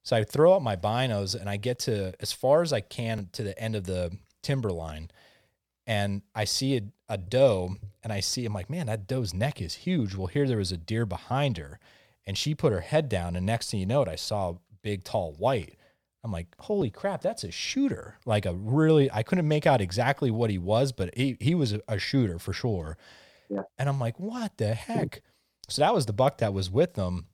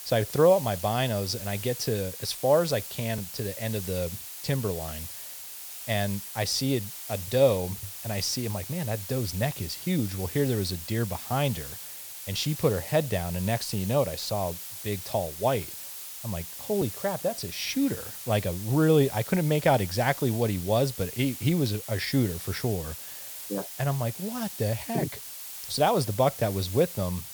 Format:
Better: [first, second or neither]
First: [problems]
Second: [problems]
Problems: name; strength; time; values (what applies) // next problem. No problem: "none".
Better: first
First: none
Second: hiss; loud; throughout; 9 dB below the speech